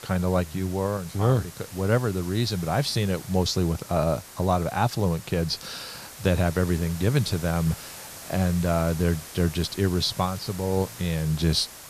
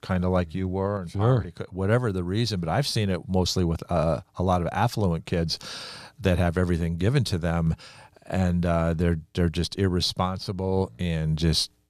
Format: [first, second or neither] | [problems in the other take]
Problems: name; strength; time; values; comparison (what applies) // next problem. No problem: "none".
second | hiss; noticeable; throughout; 15 dB below the speech